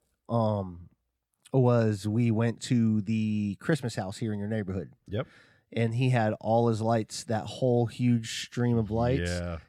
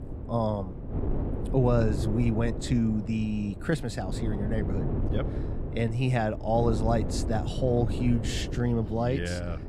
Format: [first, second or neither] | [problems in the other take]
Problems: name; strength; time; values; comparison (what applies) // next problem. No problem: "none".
first | wind noise on the microphone; heavy; 9 dB below the speech